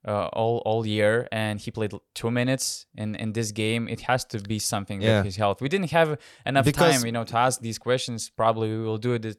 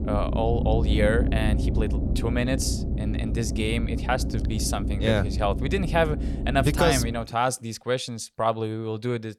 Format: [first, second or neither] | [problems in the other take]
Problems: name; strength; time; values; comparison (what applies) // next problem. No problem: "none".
first | low rumble; noticeable; until 7 s; 10 dB below the speech